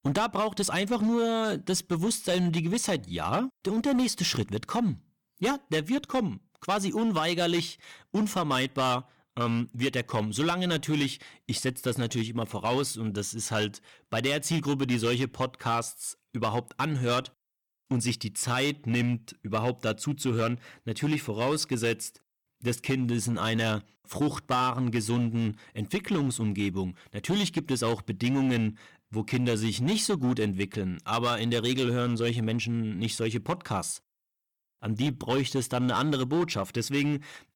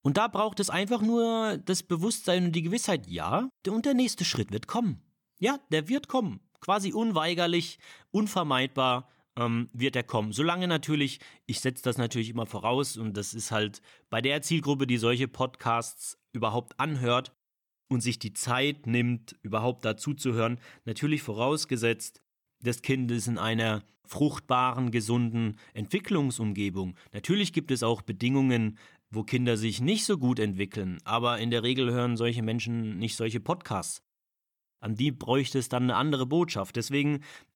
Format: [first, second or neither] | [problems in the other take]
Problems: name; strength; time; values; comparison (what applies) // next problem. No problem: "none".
second | distortion; slight; 8% of the sound clipped